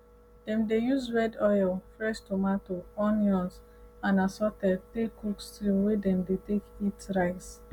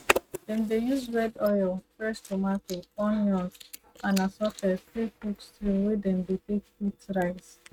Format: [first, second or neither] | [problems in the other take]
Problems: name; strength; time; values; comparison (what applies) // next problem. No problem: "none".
first | noise reduction (neural mask model RNNoise)